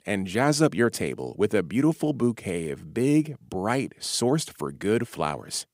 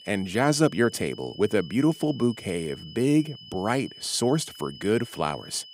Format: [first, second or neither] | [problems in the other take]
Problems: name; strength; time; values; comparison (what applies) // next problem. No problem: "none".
first | high-pitched whine; noticeable; throughout; 3 kHz, 20 dB below the speech